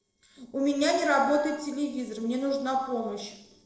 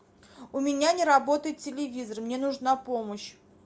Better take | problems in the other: second | noise reduction (neural separator model SepFormer DNS4)

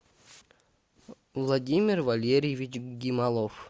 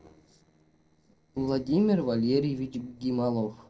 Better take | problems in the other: first | noise reduction (neural separator model SepFormer DNS4)

